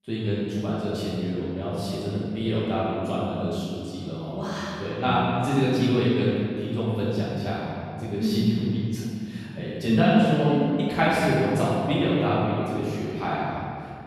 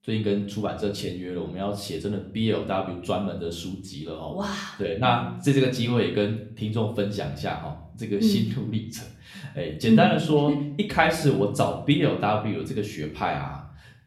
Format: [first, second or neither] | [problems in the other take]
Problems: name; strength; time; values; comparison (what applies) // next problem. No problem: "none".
second | room echo; strong; dies away in 2.2 s; slight in the second // off-mic speech; far; somewhat distant in the second